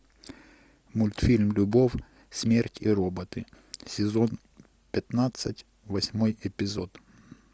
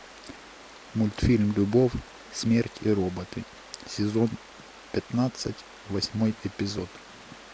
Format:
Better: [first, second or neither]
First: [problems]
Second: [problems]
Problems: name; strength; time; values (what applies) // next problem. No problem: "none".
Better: first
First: none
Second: background sound (Water); 19 dB below the speech